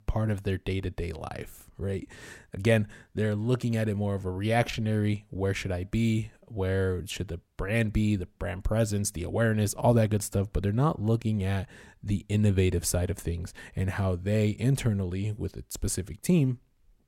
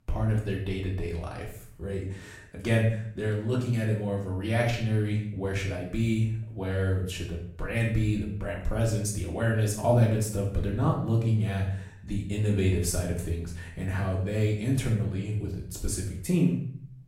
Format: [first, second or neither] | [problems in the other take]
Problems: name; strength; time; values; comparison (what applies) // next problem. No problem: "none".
first | room echo; noticeable; dies away in 0.5 s // off-mic speech; far